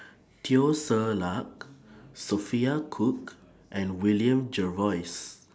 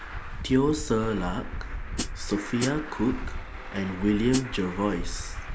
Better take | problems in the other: first | background sound (Traffic noise, roadway noise + Hi-hat); 6 dB below the speech

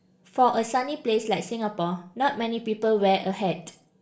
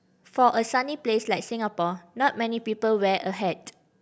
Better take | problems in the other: second | room echo; dies away in 0.4 s

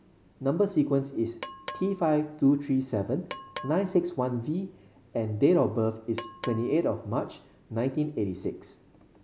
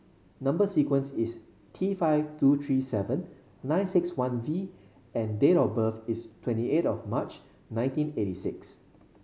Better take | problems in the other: second | background sound (Percussion); 17 dB below the speech

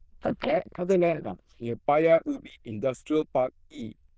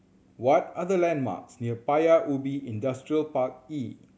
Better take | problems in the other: second | noise reduction (neural diffusion model UNIVERSE++)

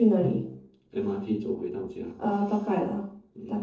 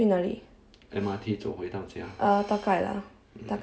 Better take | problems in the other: second | noise reduction (neural separator model SepFormer DNS4)

